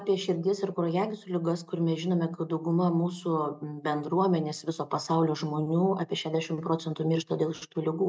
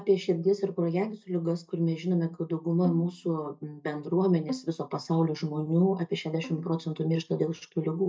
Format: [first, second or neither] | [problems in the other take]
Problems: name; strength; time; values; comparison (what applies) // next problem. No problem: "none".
first | noise reduction (neural mask model DeepFilterNet 3)